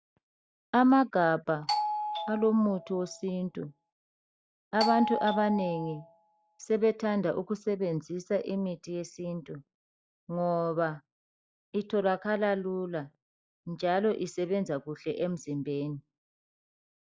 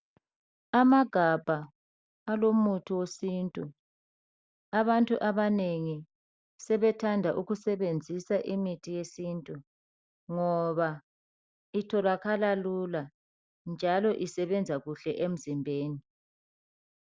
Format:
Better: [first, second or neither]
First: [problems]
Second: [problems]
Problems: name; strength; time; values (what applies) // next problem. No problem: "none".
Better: second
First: noise reduction (classical method log-MMSE)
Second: none